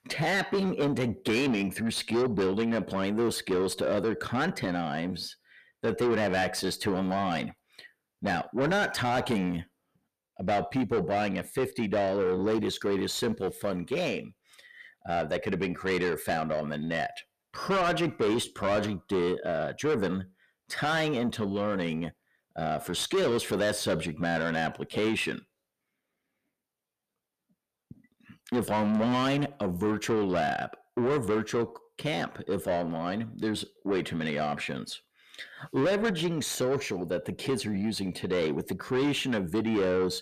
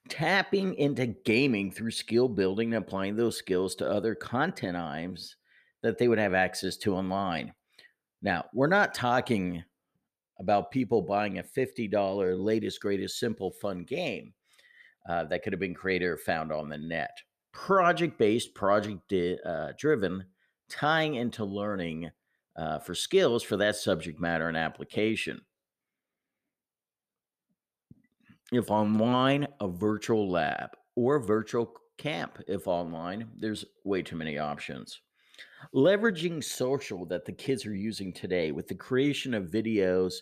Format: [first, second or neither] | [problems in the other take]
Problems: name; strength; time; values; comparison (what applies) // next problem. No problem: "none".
second | distortion; heavy; 8 dB below the speech